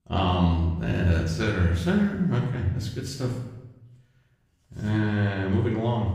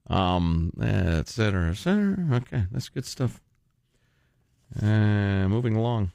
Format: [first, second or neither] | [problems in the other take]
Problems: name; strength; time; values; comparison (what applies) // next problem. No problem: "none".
second | room echo; noticeable; dies away in 0.8 s // off-mic speech; far